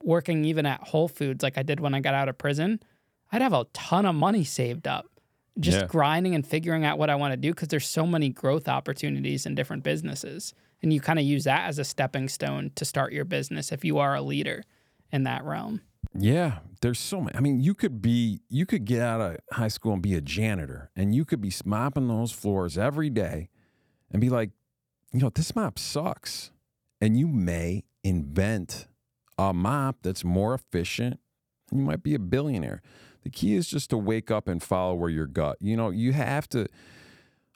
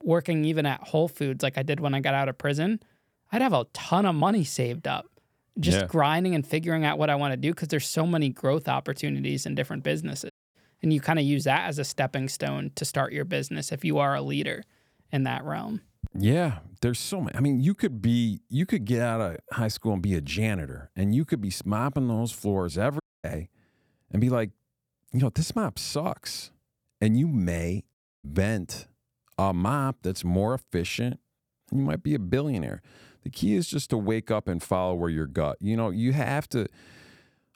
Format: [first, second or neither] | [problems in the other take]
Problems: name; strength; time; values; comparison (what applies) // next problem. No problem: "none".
first | audio cutting out; at 10 s, at 23 s and at 28 s